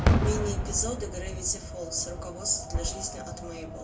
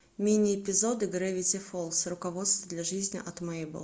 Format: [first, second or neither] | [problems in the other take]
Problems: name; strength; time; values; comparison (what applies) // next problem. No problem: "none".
second | background sound (Fireworks); 4 dB above the speech // room echo; dies away in 0.2 s